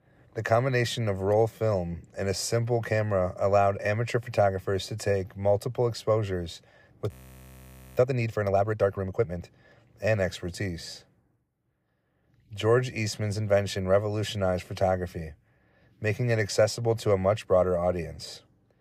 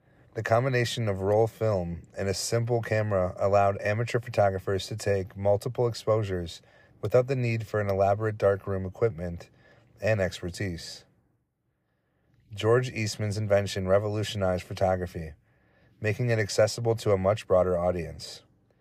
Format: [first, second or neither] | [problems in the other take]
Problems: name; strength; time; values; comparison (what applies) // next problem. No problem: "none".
second | audio freezing; at 7 s for 1 s